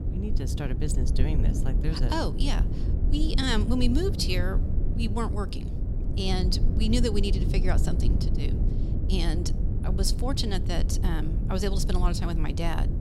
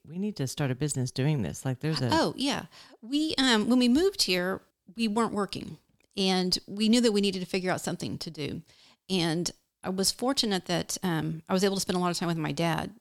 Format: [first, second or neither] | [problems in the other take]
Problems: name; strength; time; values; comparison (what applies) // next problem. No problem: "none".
second | low rumble; loud; throughout; 8 dB below the speech